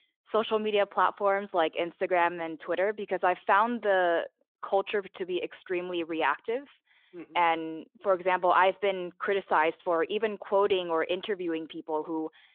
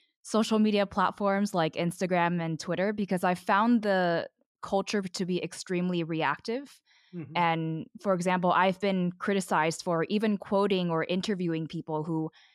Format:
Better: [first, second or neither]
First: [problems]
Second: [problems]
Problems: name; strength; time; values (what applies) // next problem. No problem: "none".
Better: second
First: phone-call audio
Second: none